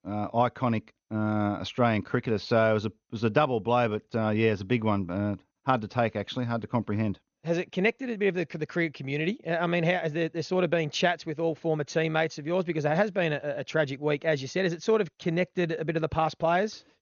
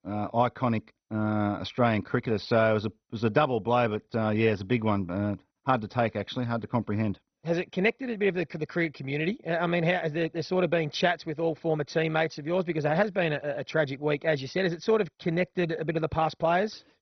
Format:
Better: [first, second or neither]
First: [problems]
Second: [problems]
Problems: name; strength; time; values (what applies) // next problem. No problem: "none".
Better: first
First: garbled, watery; slightly; nothing above 6.5 kHz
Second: garbled, watery; badly; nothing above 6 kHz